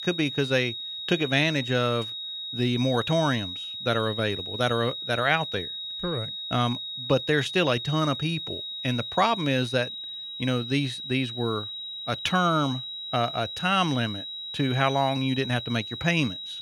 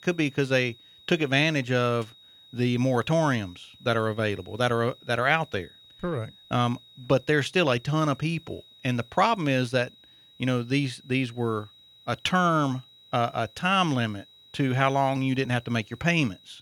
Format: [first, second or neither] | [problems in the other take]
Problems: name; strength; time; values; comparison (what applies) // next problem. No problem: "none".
second | high-pitched whine; loud; throughout; 4 kHz, 6 dB below the speech; faint in the second